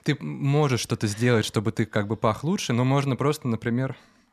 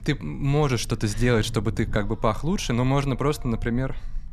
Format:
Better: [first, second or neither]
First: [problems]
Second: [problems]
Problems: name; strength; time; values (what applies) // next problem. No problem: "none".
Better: first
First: none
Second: low rumble; faint; throughout; 25 dB below the speech